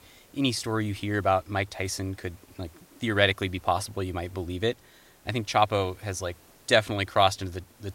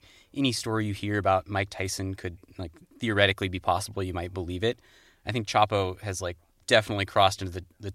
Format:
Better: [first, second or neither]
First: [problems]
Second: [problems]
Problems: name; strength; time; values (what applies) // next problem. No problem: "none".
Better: second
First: hiss; faint; throughout; 30 dB below the speech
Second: none